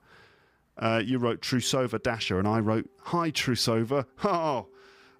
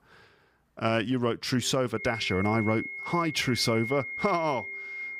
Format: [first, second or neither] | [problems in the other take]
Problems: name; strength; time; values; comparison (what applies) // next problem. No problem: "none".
first | high-pitched whine; loud; from 2 s on; 2 kHz, 7 dB below the speech